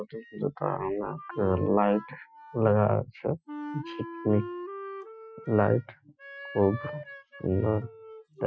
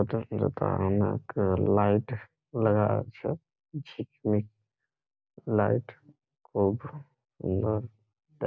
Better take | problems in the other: second | noise reduction (classical method Wiener filter)

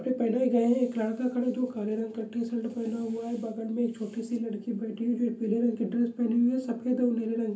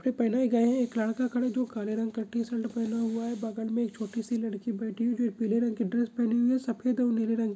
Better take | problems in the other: second | room echo; dies away in 0.3 s

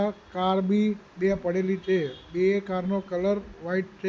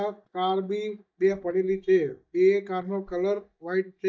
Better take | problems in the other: first | noise reduction (neural mask model DeepFilterNet 3)

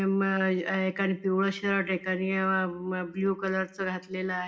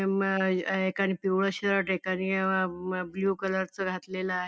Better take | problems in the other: second | room echo; dies away in 0.6 s

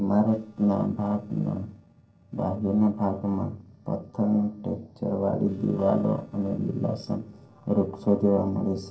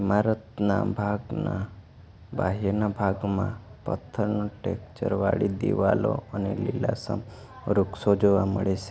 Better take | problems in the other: second | noise reduction (neural separator model SepFormer DNS4)

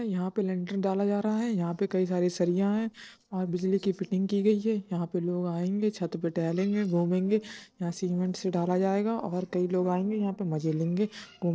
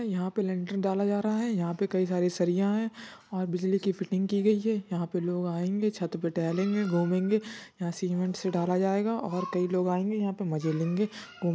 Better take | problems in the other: second | noise reduction (neural separator model SepFormer DNS4)

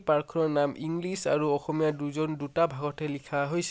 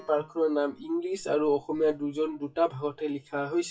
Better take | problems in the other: first | noise reduction (classical method WPE with log-MMSE)

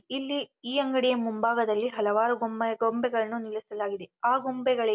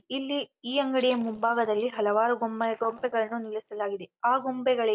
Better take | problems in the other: first | noise reduction (neural mask model DeepFilterNet 3)

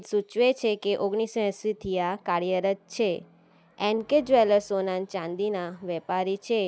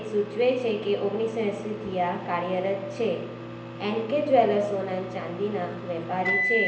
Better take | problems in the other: first | background sound (Microwave oven); 7 dB below the speech // room echo; dies away in 0.8 s

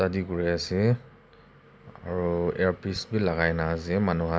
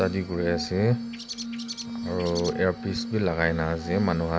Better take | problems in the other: first | background sound (Glass + Bird); 8 dB below the speech

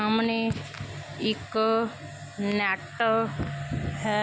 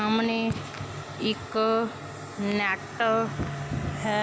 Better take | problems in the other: first | background sound (Fire); 14 dB below the speech

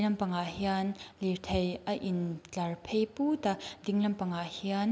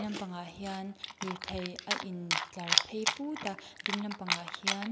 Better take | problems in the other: first | background sound (Chewing, mastication); 4 dB above the speech

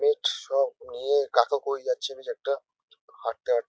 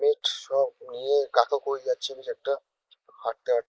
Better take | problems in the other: first | noise reduction (neural mask model Resemble Enhance denoiser)

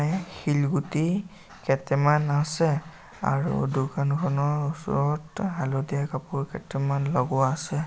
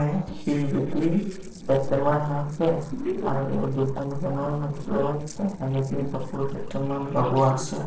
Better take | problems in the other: first | noise reduction (neural separator model SepFormer DNS4)

